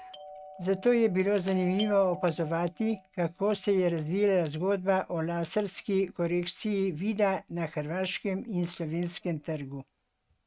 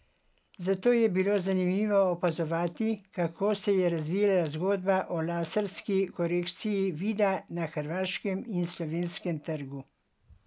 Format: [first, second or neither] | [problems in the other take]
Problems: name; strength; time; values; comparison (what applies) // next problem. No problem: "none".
second | noise reduction (neural mask model RNNoise)